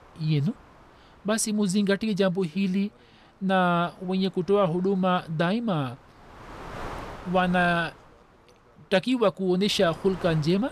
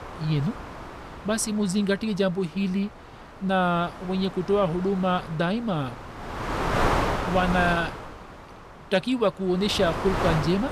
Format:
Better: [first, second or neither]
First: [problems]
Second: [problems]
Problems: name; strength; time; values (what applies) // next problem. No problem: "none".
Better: first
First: wind noise on the microphone; occasional gusts; 20 dB below the speech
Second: wind noise on the microphone; heavy; 4 dB below the speech